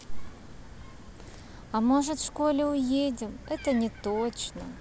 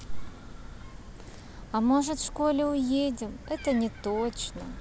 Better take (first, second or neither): first